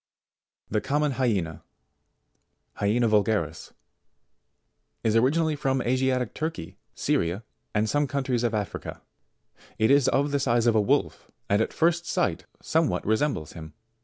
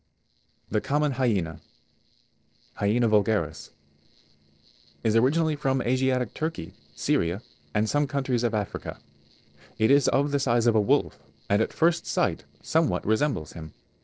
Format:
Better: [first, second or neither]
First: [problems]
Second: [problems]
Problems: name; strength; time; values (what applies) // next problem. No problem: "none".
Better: first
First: none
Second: noise reduction (neural separator model SepFormer DNS4)